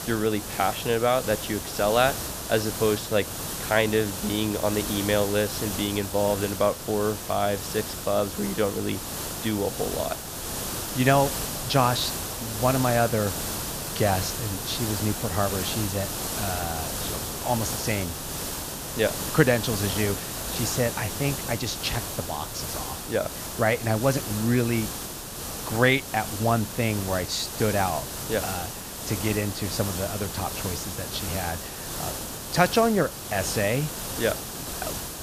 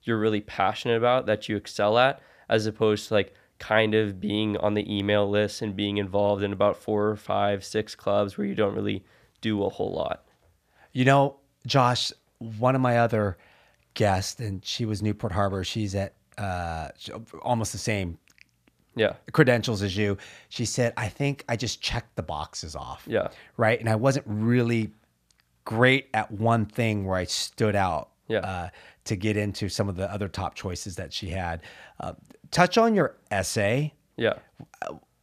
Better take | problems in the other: second | hiss; loud; throughout; 5 dB below the speech

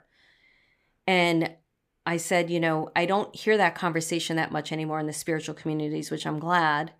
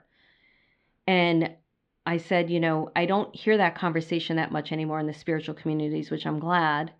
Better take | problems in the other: first | muffled; slightly; fading above 4 kHz

